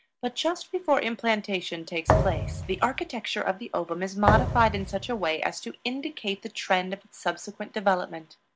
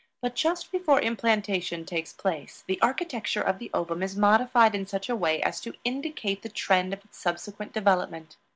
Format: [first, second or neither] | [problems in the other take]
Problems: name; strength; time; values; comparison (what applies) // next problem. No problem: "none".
second | background sound (Thump, thud); 1 dB above the speech